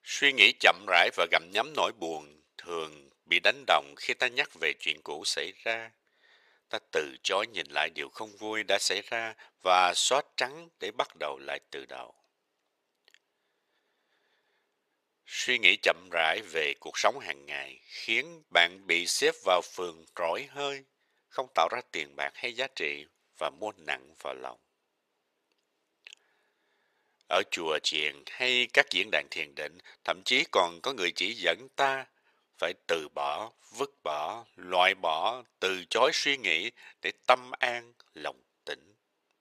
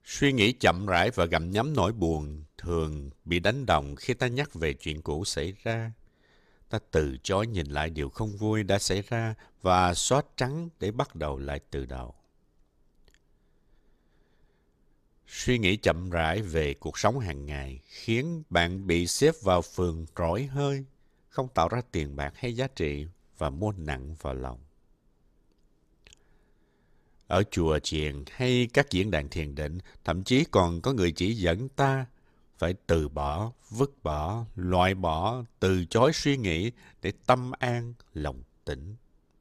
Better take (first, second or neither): second